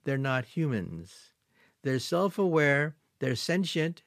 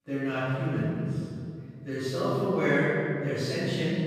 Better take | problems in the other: first | room echo; strong; dies away in 2.4 s // off-mic speech; far

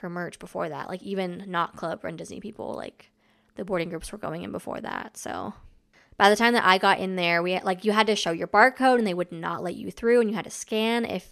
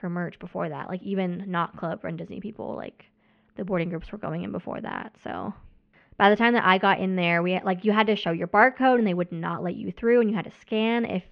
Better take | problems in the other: first | muffled; very; fading above 3 kHz

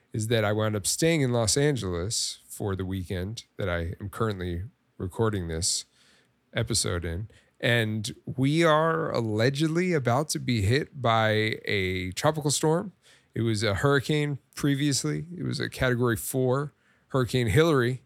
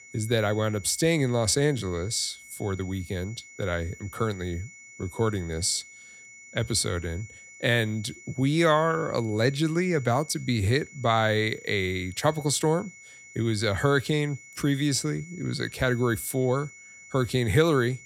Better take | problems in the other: first | high-pitched whine; noticeable; throughout; 2 kHz, 20 dB below the speech

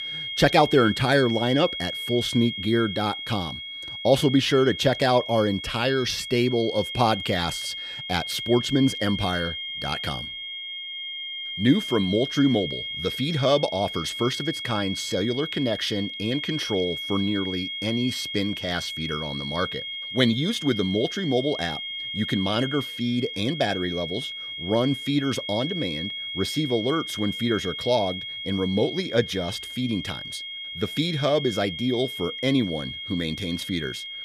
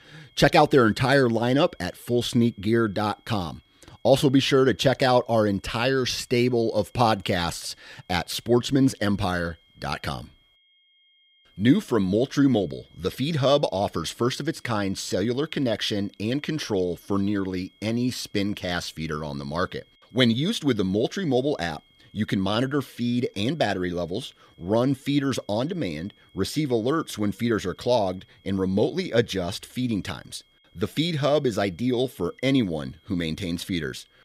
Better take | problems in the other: second | high-pitched whine; loud; throughout; 3.5 kHz, 6 dB below the speech; faint in the second

